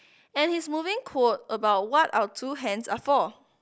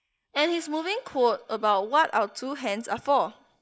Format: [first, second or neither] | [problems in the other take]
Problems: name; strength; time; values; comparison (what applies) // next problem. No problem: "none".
first | noise reduction (neural mask model Resemble Enhance denoiser)